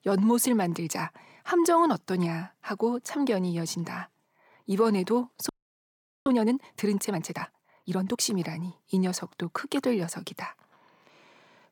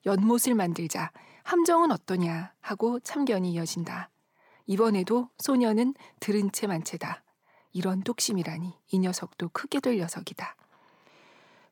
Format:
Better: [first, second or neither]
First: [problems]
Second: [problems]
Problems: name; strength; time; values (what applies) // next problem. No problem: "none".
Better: second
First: audio freezing; at 5.5 s for 1 s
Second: none